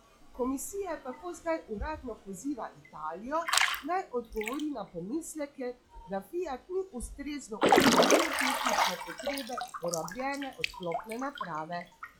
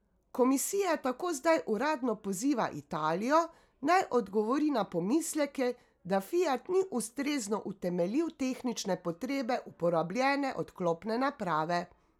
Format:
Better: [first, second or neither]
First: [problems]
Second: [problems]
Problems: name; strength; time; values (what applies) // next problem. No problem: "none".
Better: second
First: noise reduction (classical method log-MMSE)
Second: none